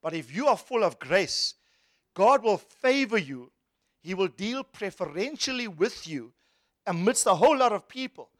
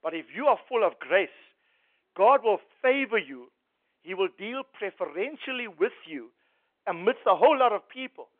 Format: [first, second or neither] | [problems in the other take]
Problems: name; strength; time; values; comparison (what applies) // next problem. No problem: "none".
first | phone-call audio; nothing above 3.5 kHz